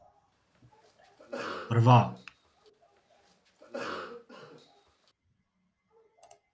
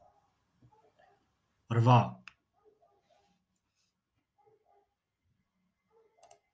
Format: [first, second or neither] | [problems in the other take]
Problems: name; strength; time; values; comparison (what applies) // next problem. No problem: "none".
second | background sound (Cough); 12 dB below the speech